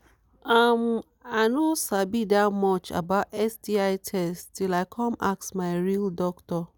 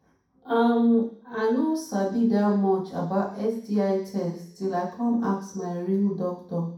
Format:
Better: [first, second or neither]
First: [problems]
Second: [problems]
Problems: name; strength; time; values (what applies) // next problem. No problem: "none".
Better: first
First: none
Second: room echo; dies away in 0.6 s